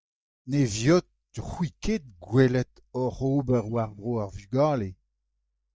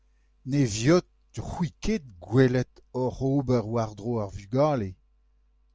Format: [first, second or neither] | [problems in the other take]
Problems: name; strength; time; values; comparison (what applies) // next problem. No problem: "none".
second | noise reduction (neural mask model DeepFilterNet 3)